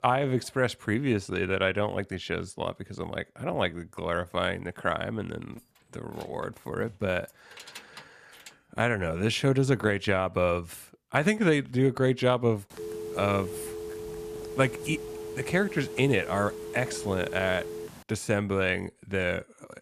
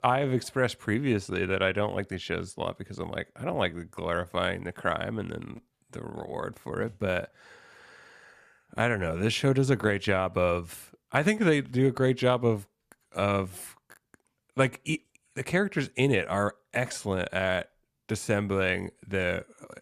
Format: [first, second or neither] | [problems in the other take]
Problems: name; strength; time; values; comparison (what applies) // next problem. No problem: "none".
second | jangling keys; faint; from 5.5 to 8.5 s; peak 15 dB below the speech // phone ringing; noticeable; from 13 to 18 s; peak 8 dB below the speech